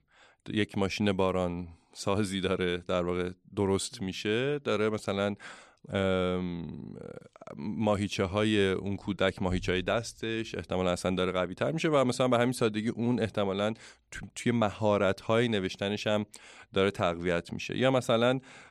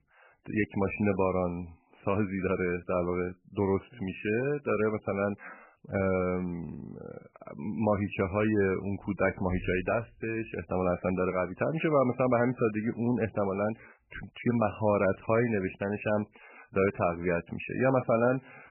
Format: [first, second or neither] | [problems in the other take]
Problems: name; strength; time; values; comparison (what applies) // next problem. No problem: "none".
first | garbled, watery; badly; nothing above 2.5 kHz